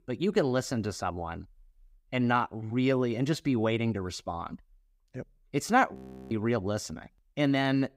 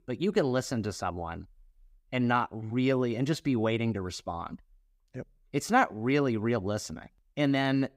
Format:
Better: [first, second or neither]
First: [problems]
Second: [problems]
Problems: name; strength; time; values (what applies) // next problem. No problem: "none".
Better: second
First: audio freezing; at 6 s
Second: none